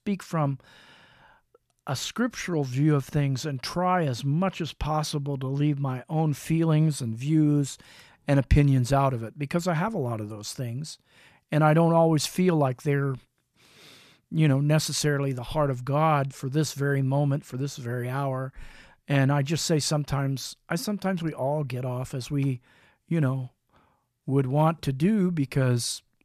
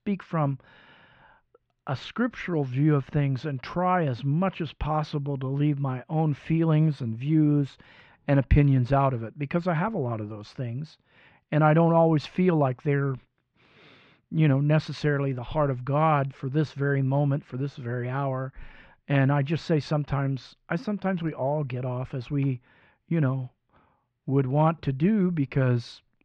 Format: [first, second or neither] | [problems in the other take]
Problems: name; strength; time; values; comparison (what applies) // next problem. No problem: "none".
first | muffled; slightly; fading above 3 kHz